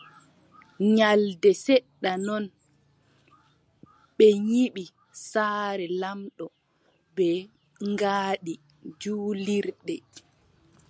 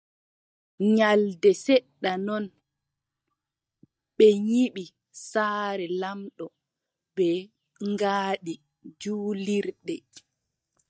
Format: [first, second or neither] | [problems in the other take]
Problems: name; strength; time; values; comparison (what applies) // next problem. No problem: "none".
first | noise reduction (neural mask model DeepFilterNet 3)